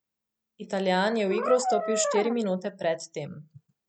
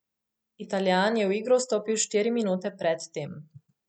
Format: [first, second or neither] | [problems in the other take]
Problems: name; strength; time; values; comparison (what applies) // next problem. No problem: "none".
second | background sound (Brass instrument); 2 dB below the speech